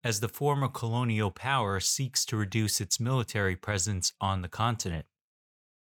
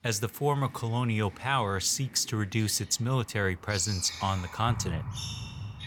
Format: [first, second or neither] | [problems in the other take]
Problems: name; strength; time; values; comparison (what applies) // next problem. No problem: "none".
first | animal sounds; loud; throughout; 10 dB below the speech